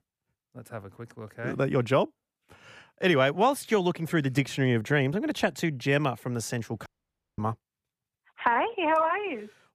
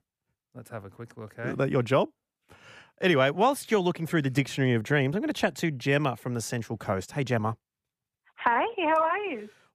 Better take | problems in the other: second | audio cutting out; at 7 s for 0.5 s

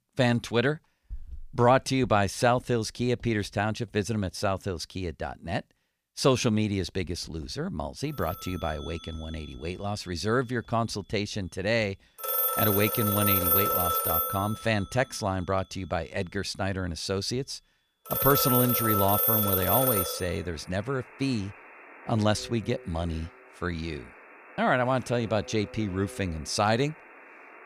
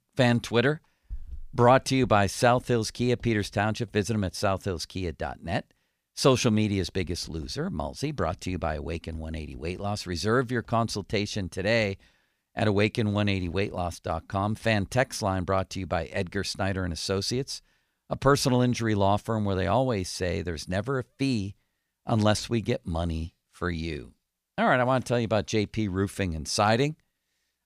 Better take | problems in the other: second | alarms or sirens; very loud; from 8.5 s on; 4 dB above the speech

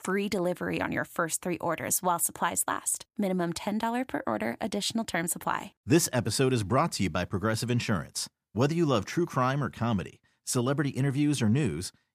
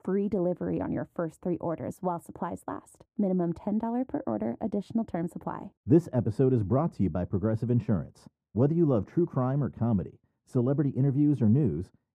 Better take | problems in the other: first | muffled; very; fading above 1.5 kHz

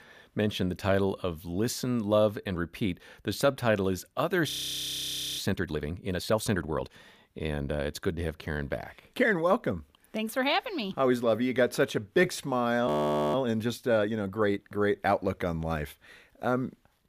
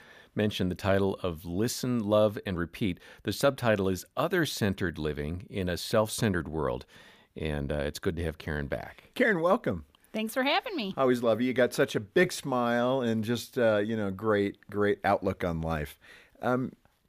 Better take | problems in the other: second | audio freezing; at 4.5 s for 1 s and at 13 s

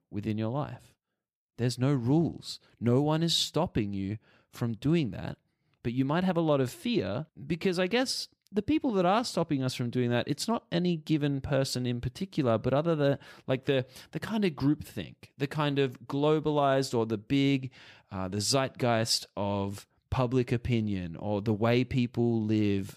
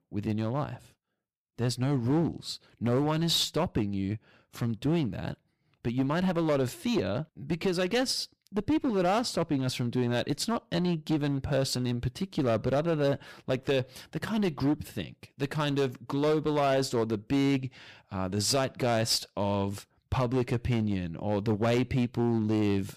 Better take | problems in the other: first | distortion; slight; 9% of the sound clipped

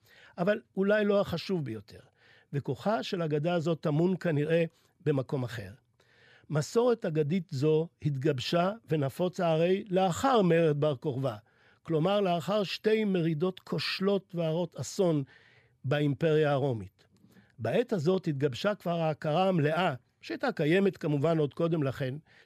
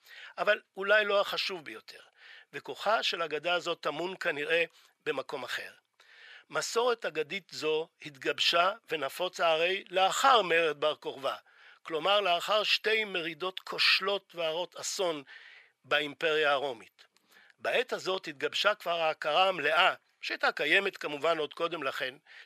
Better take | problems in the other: first | thin; very; fading below 700 Hz

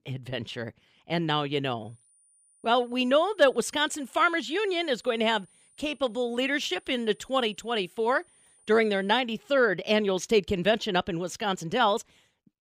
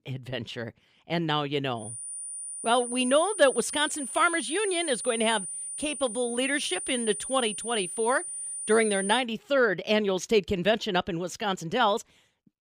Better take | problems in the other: first | high-pitched whine; loud; from 2 to 9 s; 9.5 kHz, 7 dB below the speech; faint in the first

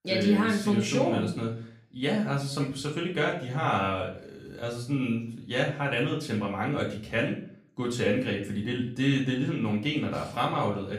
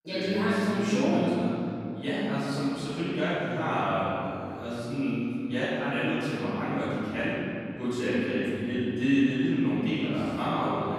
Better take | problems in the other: first | room echo; strong; dies away in 2.6 s; slight in the first // off-mic speech; far; far in the first

